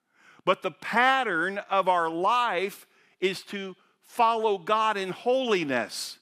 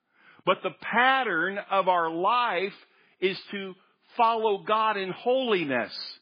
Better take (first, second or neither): first